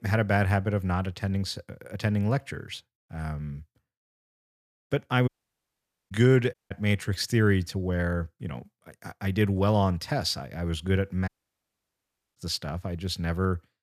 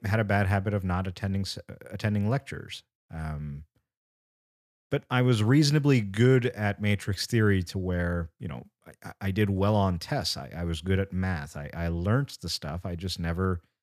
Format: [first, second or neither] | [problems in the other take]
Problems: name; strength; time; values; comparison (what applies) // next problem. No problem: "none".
second | audio cutting out; at 5.5 s for 1 s, at 6.5 s and at 11 s for 1 s